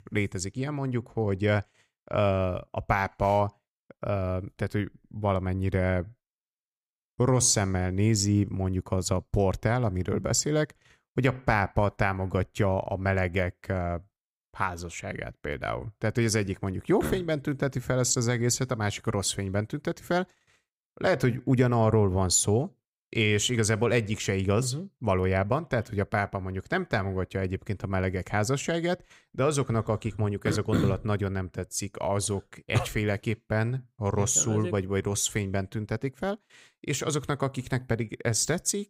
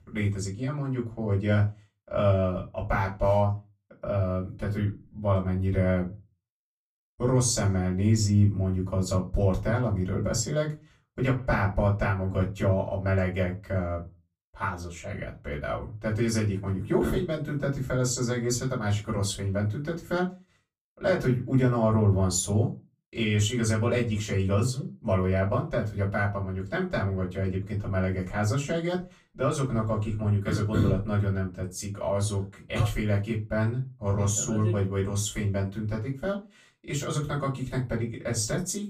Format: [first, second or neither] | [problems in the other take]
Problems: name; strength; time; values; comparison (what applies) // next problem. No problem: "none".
first | off-mic speech; far // room echo; very slight; dies away in 0.2 s